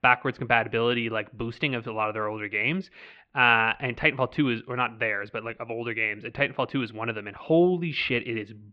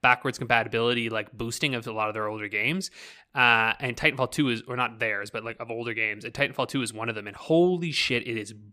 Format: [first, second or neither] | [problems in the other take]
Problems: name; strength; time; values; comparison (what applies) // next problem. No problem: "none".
second | muffled; slightly; fading above 3 kHz